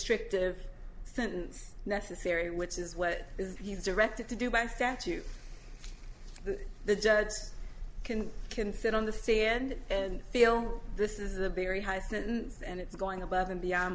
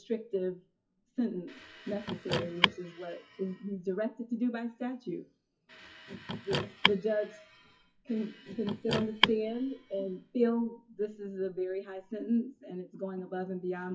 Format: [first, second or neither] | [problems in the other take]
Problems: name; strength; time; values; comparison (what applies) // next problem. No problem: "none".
first | noise reduction (classical method WPE with log-MMSE)